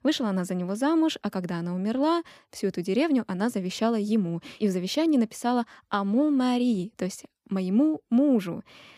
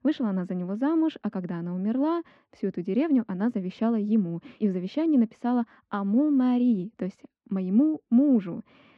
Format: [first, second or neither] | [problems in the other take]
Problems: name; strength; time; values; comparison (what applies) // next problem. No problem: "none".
first | muffled; slightly; fading above 2.5 kHz